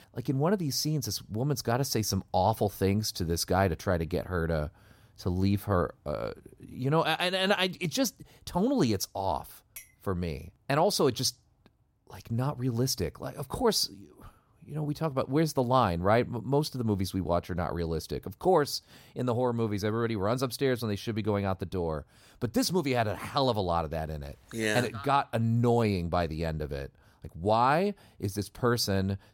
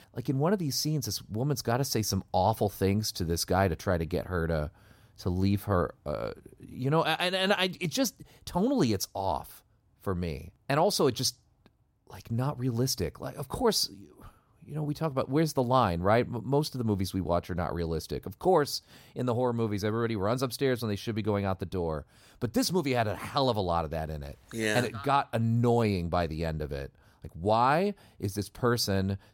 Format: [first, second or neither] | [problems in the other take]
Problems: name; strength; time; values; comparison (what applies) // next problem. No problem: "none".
second | clattering dishes; faint; at 10 s; peak 20 dB below the speech